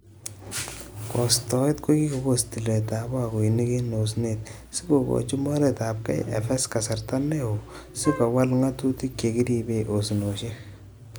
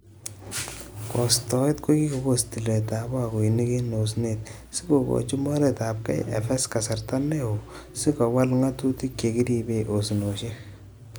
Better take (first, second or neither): second